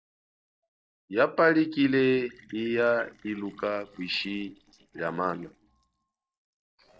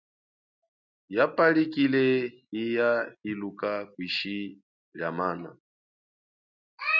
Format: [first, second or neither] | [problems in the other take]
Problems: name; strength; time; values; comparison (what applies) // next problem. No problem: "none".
second | noise reduction (neural separator model SepFormer DNS4)